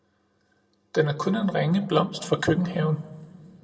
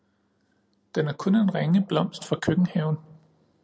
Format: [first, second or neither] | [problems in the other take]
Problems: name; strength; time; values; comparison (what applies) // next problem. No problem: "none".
second | room echo; dies away in 1.3 s